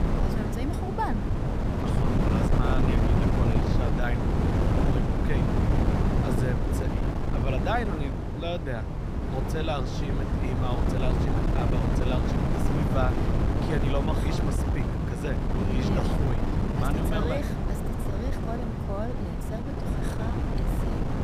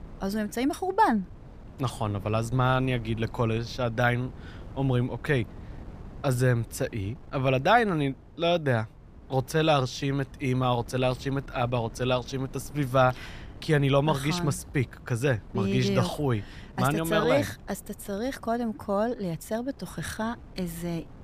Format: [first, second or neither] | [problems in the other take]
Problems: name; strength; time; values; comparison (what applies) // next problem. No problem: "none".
second | wind noise on the microphone; heavy; 2 dB above the speech; occasional gusts in the second